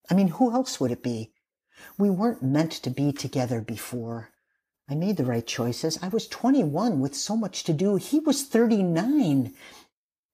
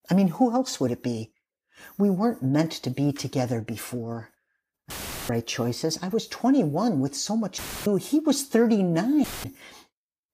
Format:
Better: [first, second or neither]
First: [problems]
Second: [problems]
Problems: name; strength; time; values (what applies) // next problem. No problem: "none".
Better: first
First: none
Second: audio cutting out; filled with static; at 5 s, at 7.5 s and at 9 s